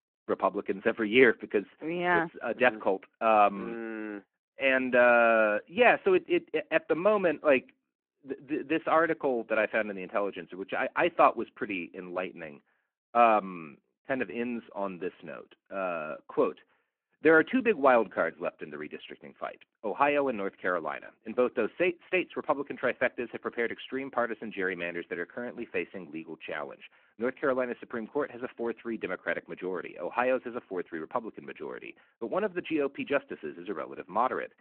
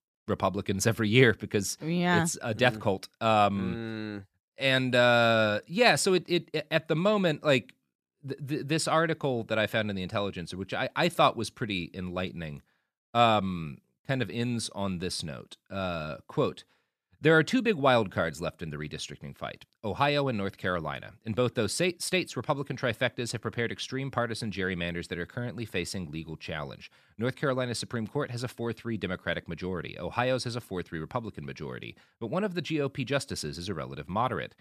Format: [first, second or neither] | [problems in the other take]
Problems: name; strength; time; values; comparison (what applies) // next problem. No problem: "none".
second | phone-call audio